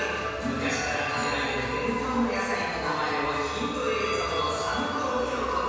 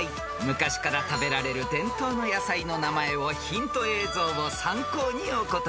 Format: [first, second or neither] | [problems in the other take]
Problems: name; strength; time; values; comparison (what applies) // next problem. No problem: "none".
second | room echo; dies away in 1.9 s